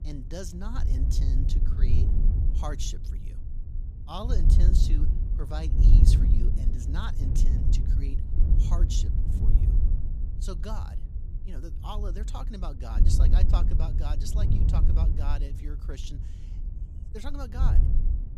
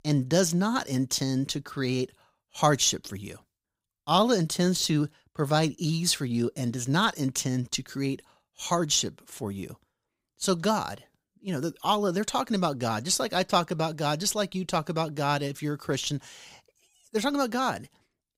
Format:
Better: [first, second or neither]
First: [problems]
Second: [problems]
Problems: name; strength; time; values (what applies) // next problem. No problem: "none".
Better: second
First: wind noise on the microphone; heavy; 2 dB below the speech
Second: none